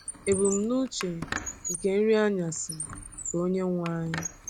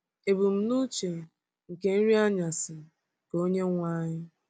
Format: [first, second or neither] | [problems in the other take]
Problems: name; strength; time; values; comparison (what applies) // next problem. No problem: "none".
second | background sound (Squeak); 10 dB below the speech